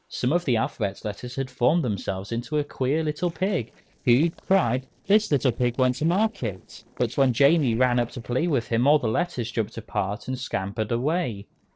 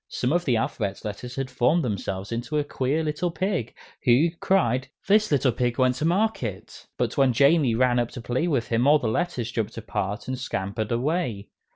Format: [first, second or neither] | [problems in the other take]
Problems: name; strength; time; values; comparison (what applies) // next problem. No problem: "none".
second | noise reduction (neural separator model SepFormer DNS4)